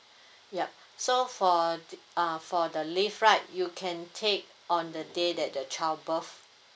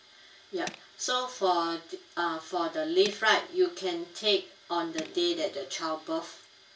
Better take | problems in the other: first | background sound (Tools); 19 dB below the speech // room echo; dies away in 0.2 s

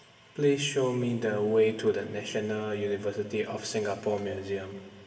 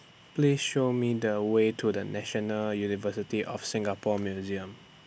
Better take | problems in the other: second | room echo; dies away in 2.7 s

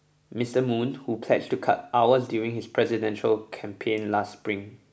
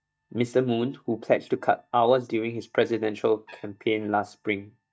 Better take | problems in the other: first | noise reduction (neural mask model DeepFilterNet 3)

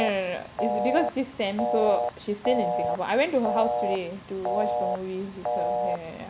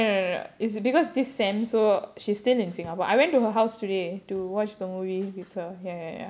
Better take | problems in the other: second | background sound (Telephone); 1 dB below the speech

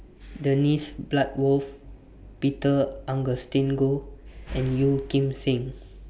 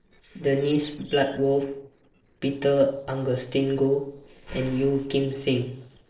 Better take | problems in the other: first | noise reduction (neural separator model SepFormer DNS4)

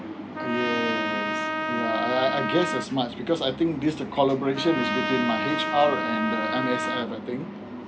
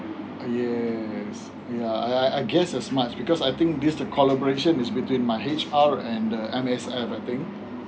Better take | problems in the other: second | background sound (Trumpet); 3 dB below the speech

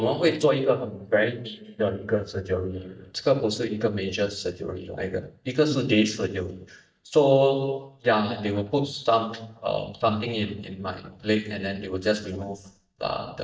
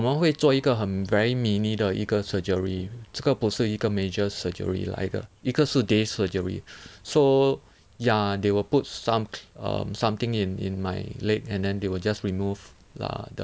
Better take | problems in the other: second | noise reduction (neural mask model DeepFilterNet 3)

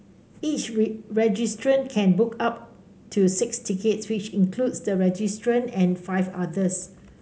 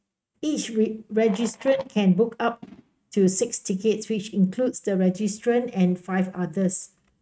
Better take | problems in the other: first | noise reduction (neural mask model RNNoise)

